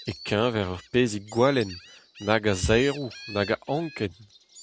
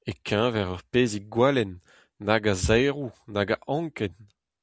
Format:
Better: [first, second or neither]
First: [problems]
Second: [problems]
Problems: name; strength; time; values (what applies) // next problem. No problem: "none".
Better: second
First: background sound (Insect + Gull, seagull); 19 dB below the speech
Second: none